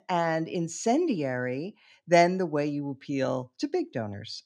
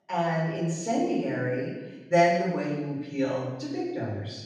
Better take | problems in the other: first | off-mic speech; far // room echo; noticeable; dies away in 1 s

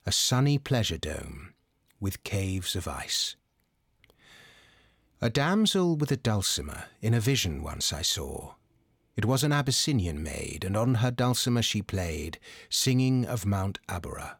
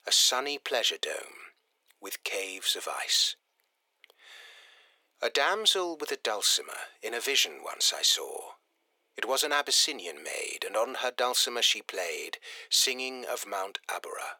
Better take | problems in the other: first | thin; very; fading below 400 Hz

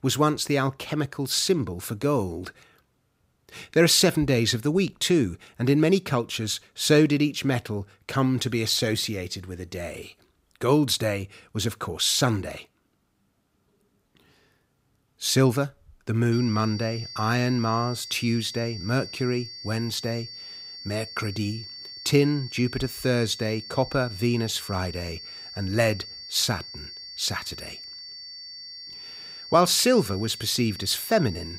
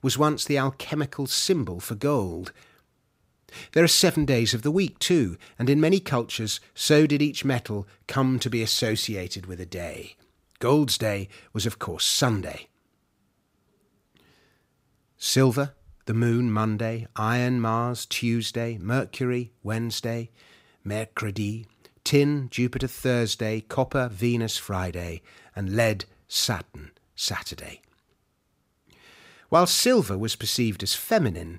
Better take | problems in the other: second | high-pitched whine; noticeable; from 16 s on; 4.5 kHz, 15 dB below the speech

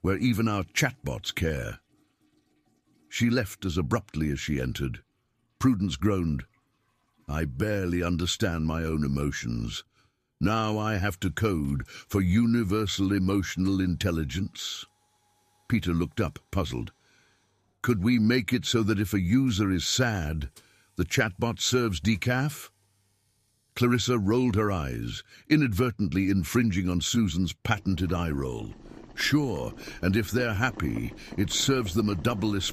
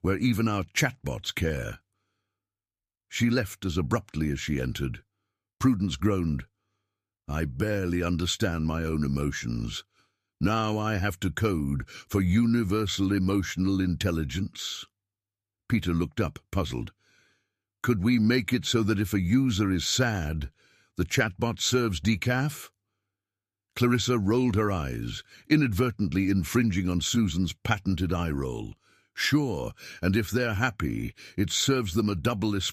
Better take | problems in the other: second | household noises; faint; throughout; 20 dB below the speech

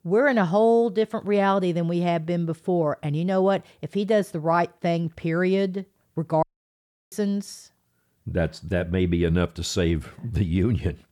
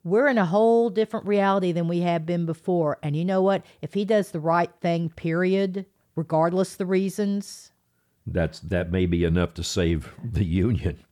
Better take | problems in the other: second | audio cutting out; at 6.5 s for 0.5 s

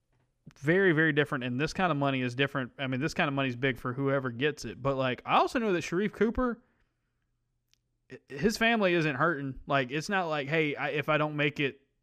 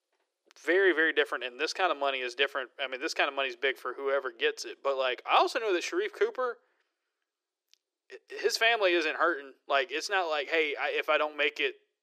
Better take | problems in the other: first | thin; very; fading below 350 Hz

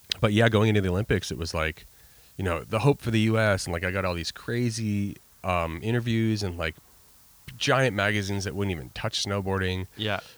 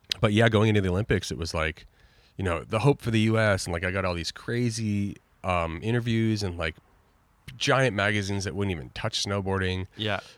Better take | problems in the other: second | hiss; faint; throughout; 25 dB below the speech

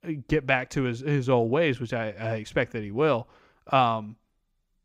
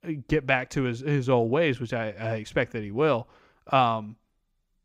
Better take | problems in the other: neither | none

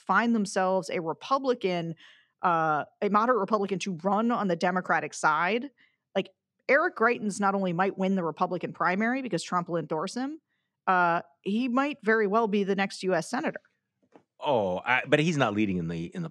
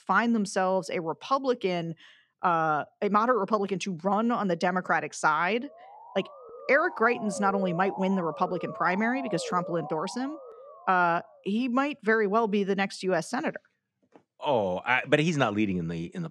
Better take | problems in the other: first | siren; noticeable; from 5.5 to 11 s; peak 9 dB below the speech

